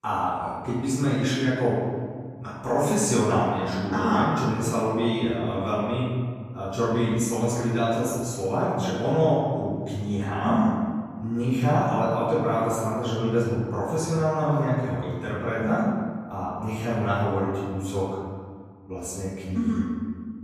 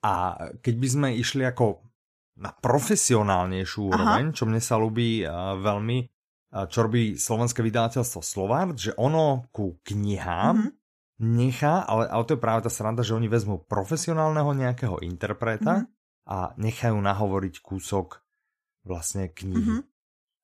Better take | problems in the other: second | off-mic speech; far // room echo; strong; dies away in 1.7 s

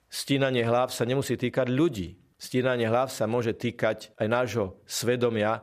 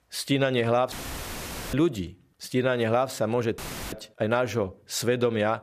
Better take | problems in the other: first | audio cutting out; filled with static; at 1 s for 1 s and at 3.5 s

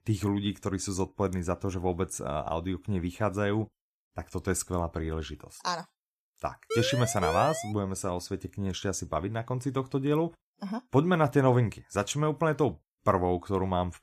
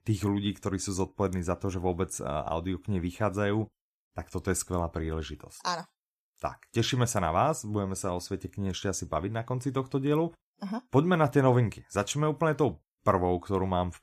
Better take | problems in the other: second | siren; noticeable; from 6.5 to 7.5 s; peak 2 dB below the speech

